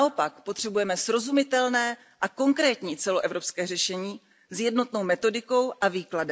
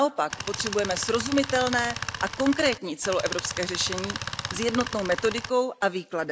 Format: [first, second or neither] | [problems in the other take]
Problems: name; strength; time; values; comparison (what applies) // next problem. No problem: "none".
first | background sound (Tools); 7 dB below the speech